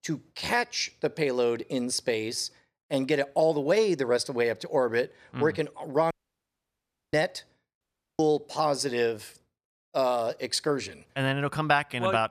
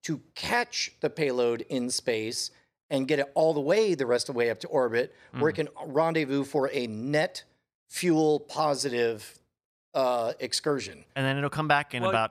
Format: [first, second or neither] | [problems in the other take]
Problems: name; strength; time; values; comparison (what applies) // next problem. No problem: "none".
second | audio cutting out; at 6 s for 1 s and at 8 s